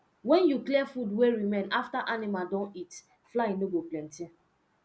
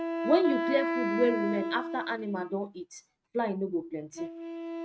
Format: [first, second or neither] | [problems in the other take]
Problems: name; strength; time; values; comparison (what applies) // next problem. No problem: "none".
first | noise reduction (neural mask model RNNoise)